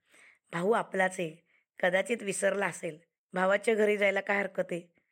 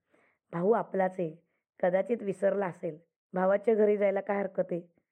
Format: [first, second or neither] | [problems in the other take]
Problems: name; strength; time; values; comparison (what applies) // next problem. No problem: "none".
first | muffled; very; fading above 2 kHz